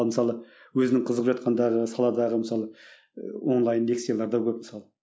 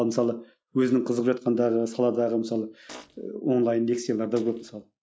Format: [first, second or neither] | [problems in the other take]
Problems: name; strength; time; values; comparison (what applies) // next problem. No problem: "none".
first | noise reduction (neural mask model RNNoise)